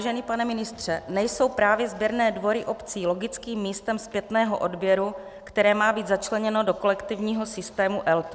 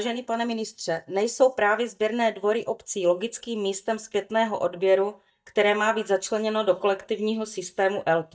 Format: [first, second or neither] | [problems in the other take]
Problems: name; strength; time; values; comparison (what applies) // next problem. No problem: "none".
first | noise reduction (neural mask model DeepFilterNet 3)